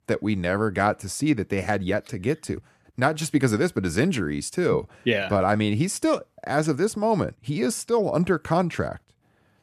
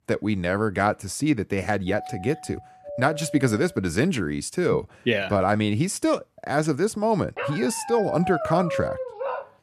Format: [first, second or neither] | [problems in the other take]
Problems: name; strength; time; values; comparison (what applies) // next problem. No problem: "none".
first | doorbell; noticeable; from 2 to 4 s; peak 10 dB below the speech // dog barking; noticeable; from 7.5 s on; peak 4 dB below the speech